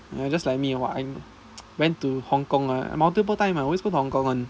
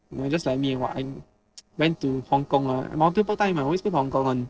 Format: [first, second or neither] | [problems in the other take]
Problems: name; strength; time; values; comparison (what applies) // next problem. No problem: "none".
first | noise reduction (neural separator model SepFormer DNS4)